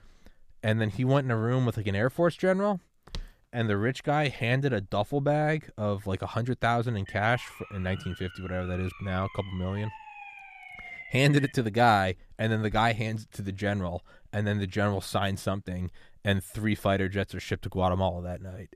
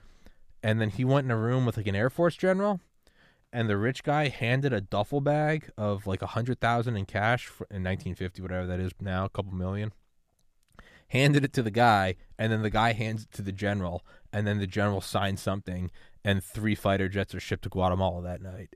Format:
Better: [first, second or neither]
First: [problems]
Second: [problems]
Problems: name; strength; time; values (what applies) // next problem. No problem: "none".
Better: second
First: footsteps; faint; at 3 s; peak 15 dB below the speech // siren; faint; from 7 to 12 s; peak 10 dB below the speech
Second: none